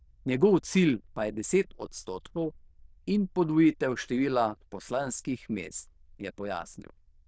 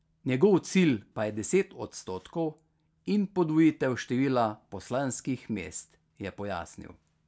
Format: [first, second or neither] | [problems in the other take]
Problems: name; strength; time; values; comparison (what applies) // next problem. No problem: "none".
second | noise reduction (neural diffusion model UNIVERSE++)